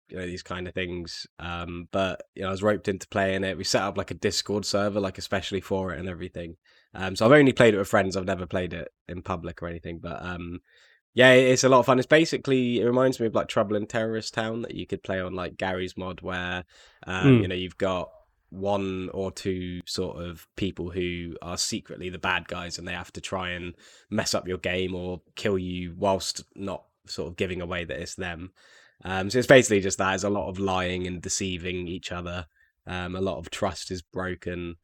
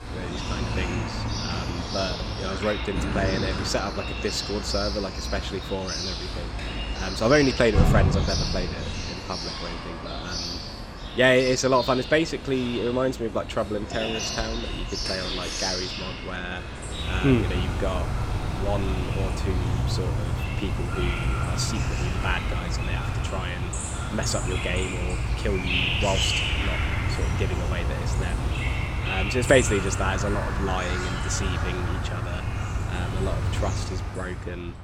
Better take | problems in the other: first | animal sounds; loud; throughout; as loud as the speech

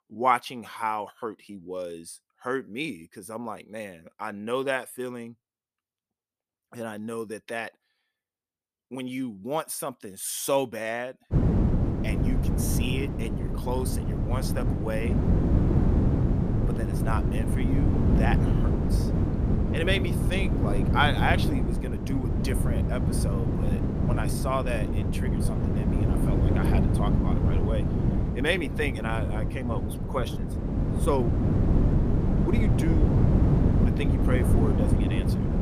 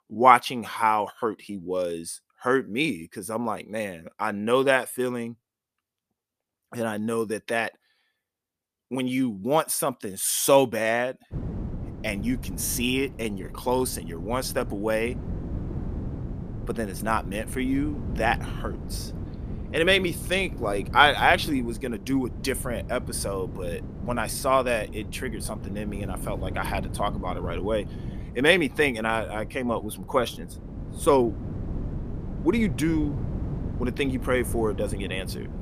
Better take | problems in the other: second | wind noise on the microphone; heavy; from 11 s on; 3 dB below the speech; occasional gusts in the second

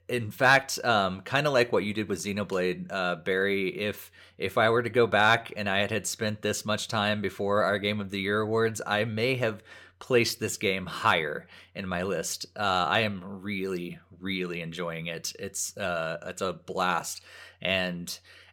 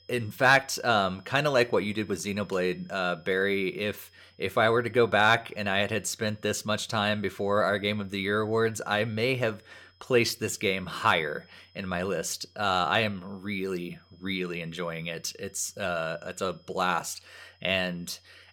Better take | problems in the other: first | high-pitched whine; faint; throughout; 5 kHz, 35 dB below the speech

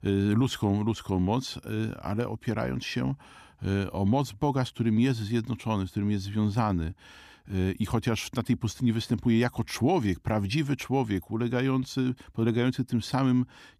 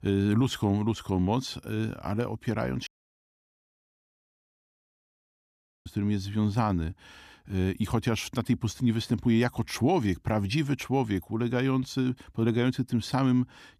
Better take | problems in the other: first | audio cutting out; at 3 s for 3 s

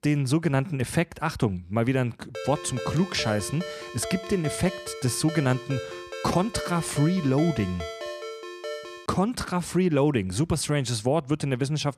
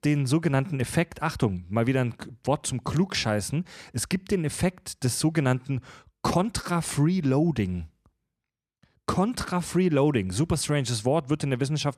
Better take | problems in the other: second | phone ringing; noticeable; from 2.5 to 9 s; peak 8 dB below the speech

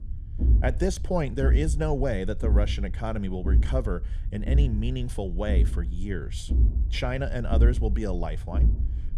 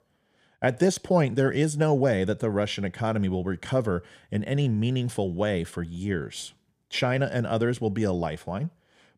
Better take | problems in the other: second | low rumble; noticeable; throughout; 10 dB below the speech

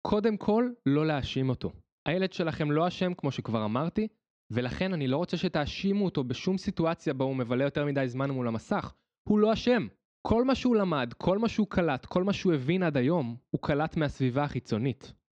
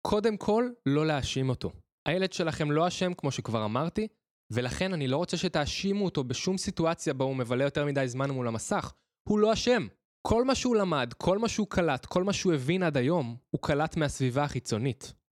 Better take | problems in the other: second | muffled; very slightly; fading above 4 kHz

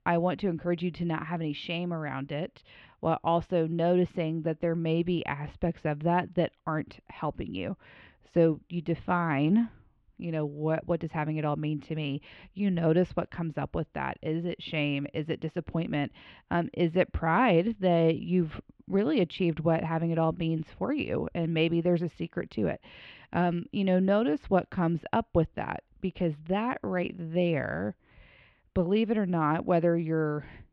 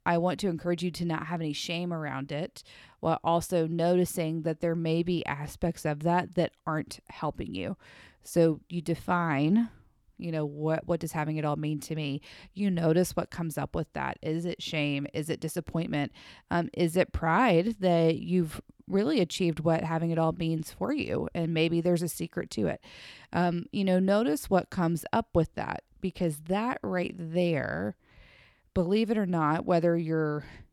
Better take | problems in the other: second | muffled; very; fading above 3 kHz

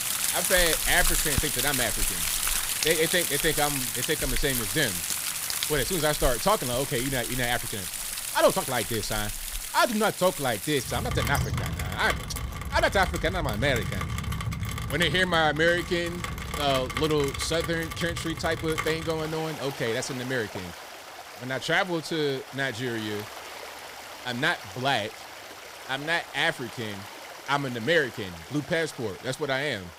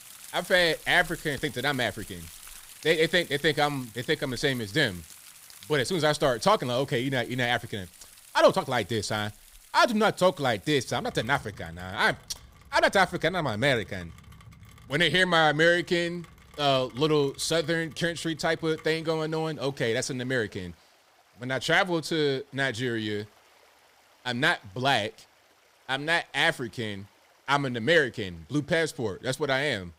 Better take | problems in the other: second | rain or running water; loud; throughout; 3 dB below the speech; faint in the second

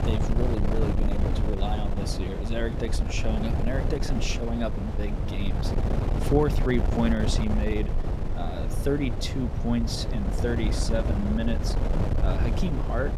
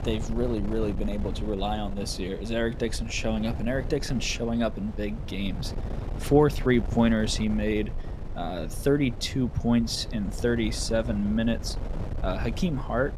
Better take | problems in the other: second | wind noise on the microphone; heavy; 3 dB below the speech; occasional gusts in the second

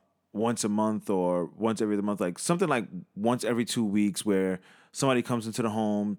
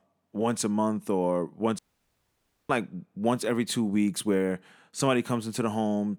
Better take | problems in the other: first | audio cutting out; at 2 s for 1 s

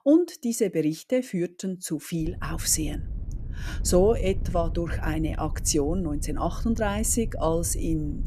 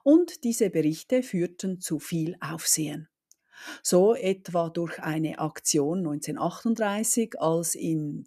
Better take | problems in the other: second | wind noise on the microphone; occasional gusts; from 2 s on; 20 dB below the speech

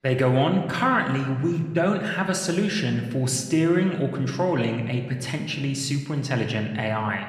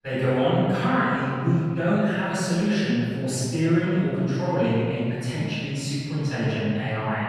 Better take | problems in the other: first | room echo; strong; dies away in 2.2 s; slight in the first // off-mic speech; far

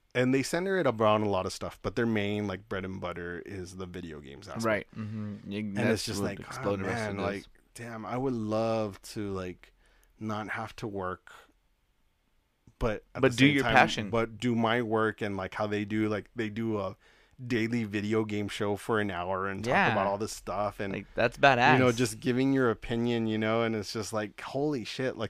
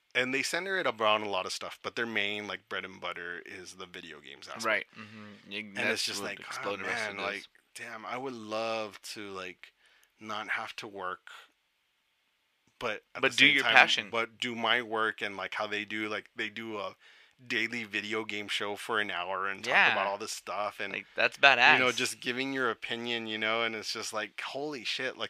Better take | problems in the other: first | thin; somewhat; fading below 700 Hz

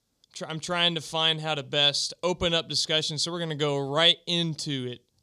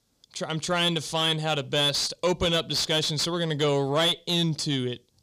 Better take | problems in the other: first | distortion; heavy; 7 dB below the speech

